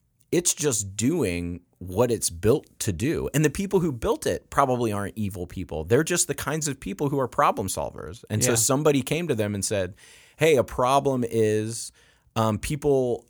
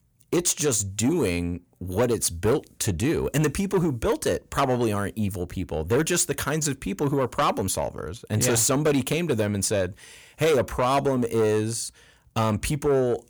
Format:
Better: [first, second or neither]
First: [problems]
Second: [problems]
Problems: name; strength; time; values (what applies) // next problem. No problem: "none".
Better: first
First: none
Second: distortion; slight; 10 dB below the speech